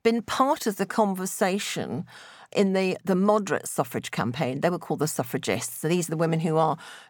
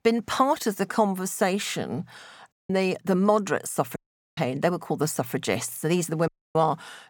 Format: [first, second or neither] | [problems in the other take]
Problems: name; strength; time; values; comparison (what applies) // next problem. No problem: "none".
first | audio cutting out; at 2.5 s, at 4 s and at 6.5 s